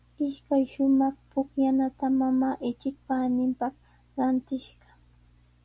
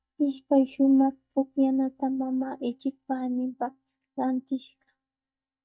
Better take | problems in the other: first | noise reduction (neural mask model DeepFilterNet 3)

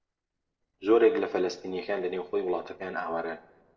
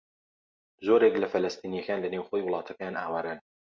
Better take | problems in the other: second | noise reduction (neural separator model SepFormer DNS4)

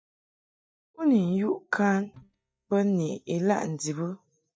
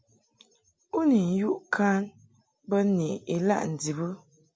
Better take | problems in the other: second | noise reduction (neural mask model DeepFilterNet 3)

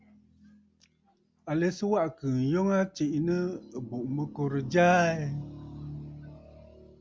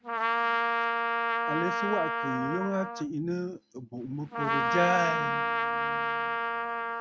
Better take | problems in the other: first | noise reduction (neural mask model RNNoise)

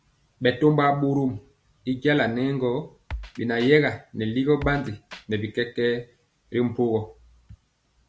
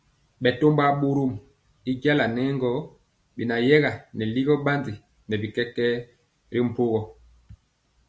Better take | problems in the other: second | background sound (Drum kit); 14 dB below the speech

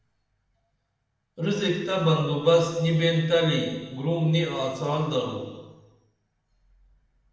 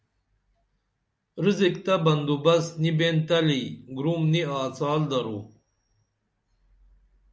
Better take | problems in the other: second | room echo; dies away in 1.2 s

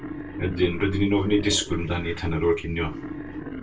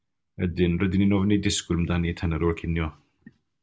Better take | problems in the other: second | background sound (Wild animals); 12 dB below the speech // room echo; dies away in 0.2 s

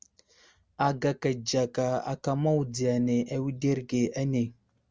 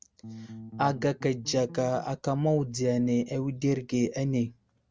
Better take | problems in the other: first | background sound (Bass guitar); 15 dB below the speech

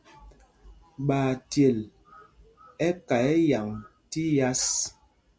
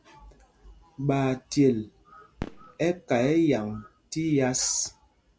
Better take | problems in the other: first | background sound (Fireworks); 18 dB below the speech

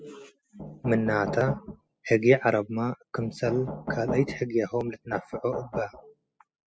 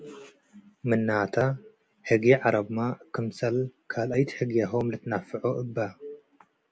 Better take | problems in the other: second | noise reduction (classical method spectral subtraction)

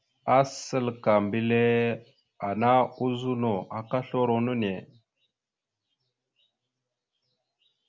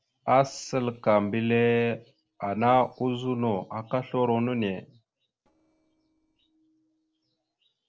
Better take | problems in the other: first | noise reduction (neural separator model SepFormer DNS4)

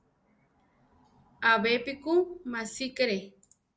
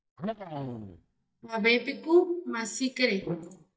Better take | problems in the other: first | noise reduction (neural mask model DeepFilterNet 3)

